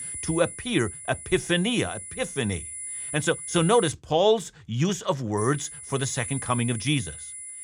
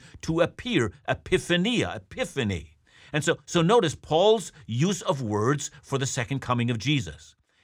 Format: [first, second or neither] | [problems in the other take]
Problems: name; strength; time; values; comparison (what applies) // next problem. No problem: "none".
second | high-pitched whine; loud; until 4 s and from 5.5 s on; 10 kHz, 9 dB below the speech